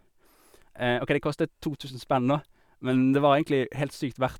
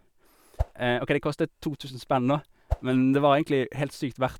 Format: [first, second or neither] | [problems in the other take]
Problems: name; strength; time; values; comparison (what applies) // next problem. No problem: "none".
first | background sound (Whoosh, swoosh, swish); 4 dB below the speech